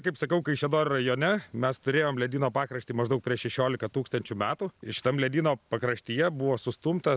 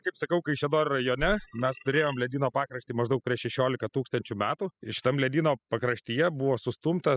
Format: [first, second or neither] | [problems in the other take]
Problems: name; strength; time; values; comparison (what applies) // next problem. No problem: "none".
first | noise reduction (classical method spectral subtraction)